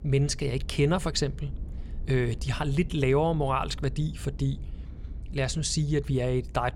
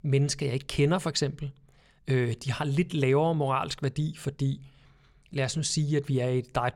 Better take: second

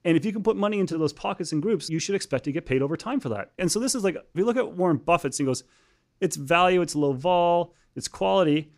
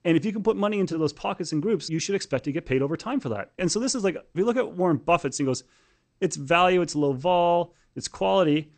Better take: first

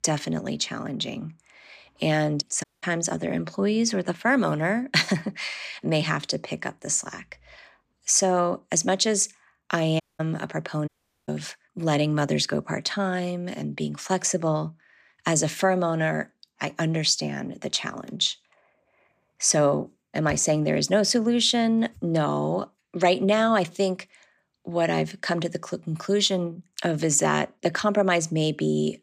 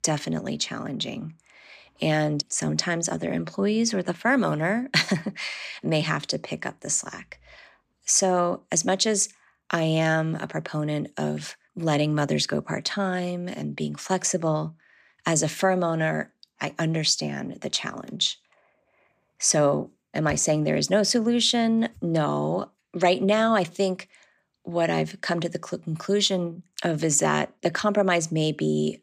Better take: second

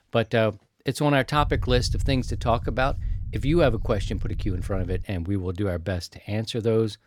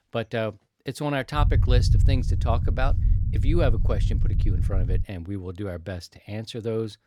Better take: first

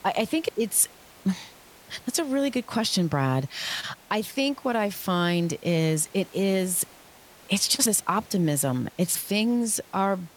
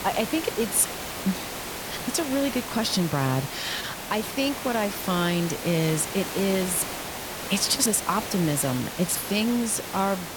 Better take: first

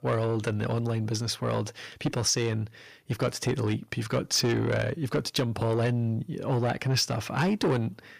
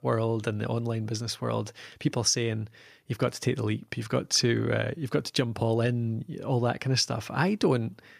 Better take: second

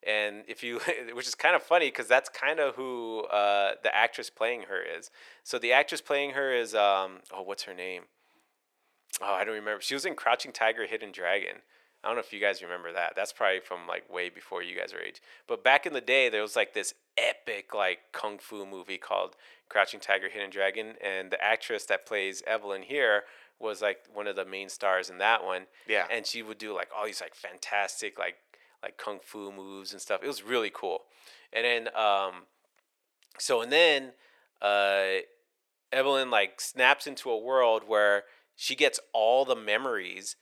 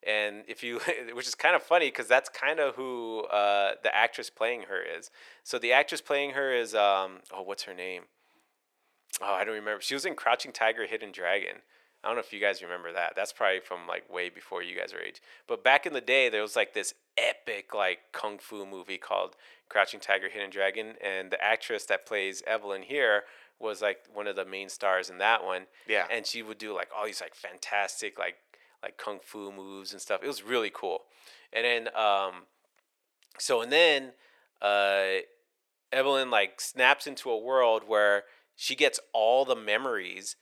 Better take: neither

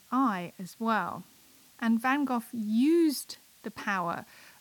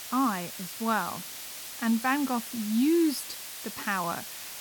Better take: first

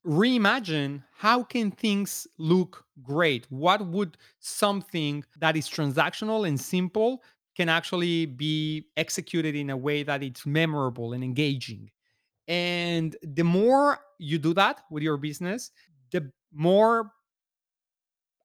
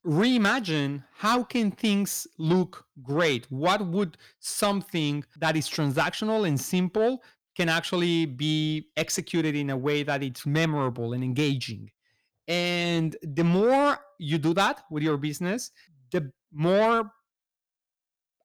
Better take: first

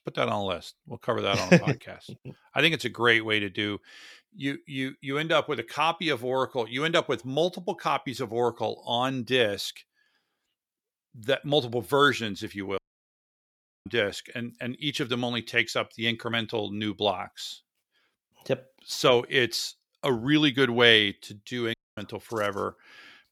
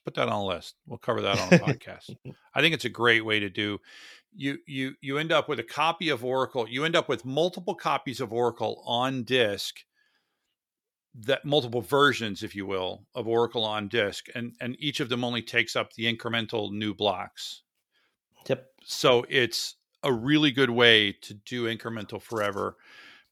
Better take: second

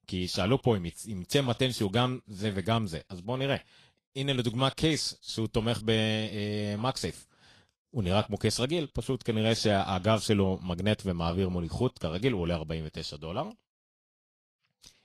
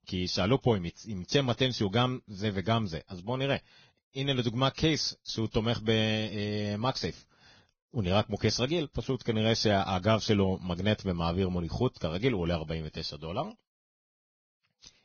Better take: first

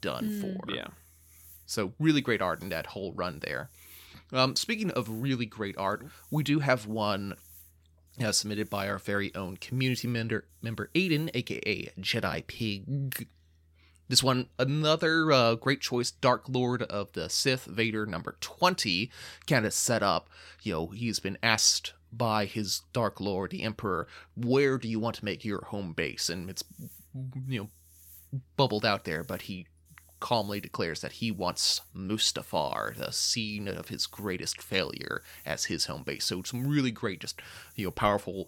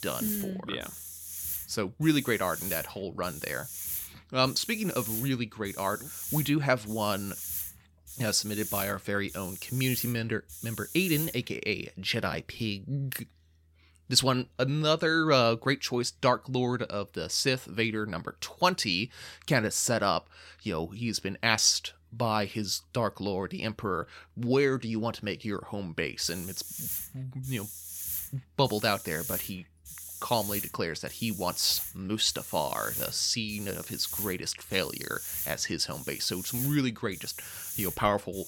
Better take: first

